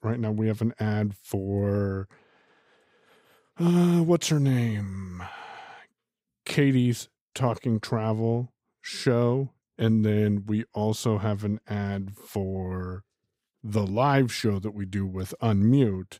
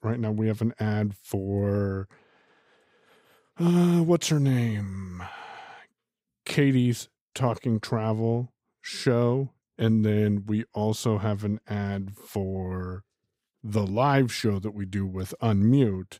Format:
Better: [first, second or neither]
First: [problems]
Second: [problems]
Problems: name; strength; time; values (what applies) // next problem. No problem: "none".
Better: neither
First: none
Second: none